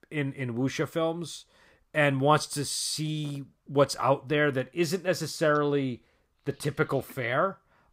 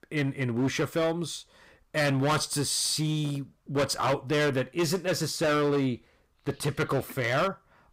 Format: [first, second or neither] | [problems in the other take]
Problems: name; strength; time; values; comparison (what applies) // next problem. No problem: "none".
first | distortion; heavy; 12% of the sound clipped